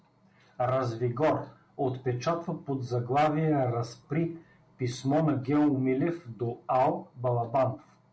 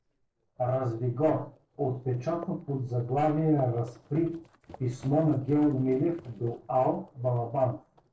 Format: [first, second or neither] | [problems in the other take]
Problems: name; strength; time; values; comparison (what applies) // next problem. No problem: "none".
first | noise reduction (neural separator model SepFormer DNS4)